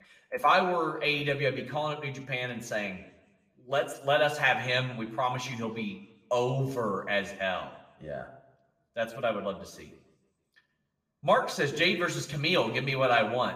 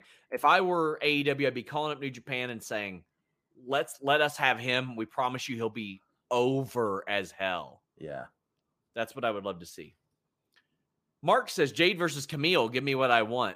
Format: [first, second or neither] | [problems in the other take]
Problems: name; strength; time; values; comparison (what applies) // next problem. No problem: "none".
second | room echo; slight; dies away in 0.7 s // off-mic speech; somewhat distant